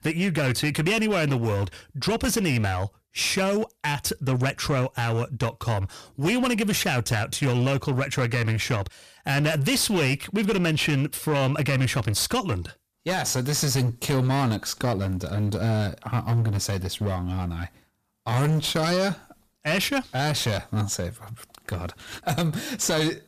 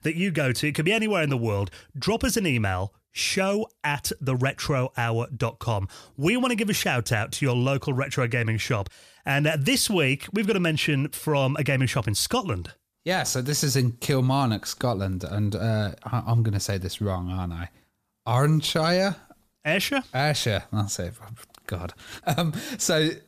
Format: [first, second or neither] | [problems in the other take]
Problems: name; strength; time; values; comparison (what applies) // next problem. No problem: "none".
second | distortion; slight; 14% of the sound clipped